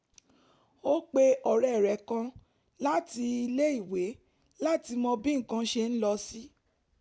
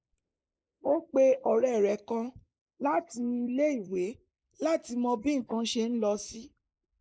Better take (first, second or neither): first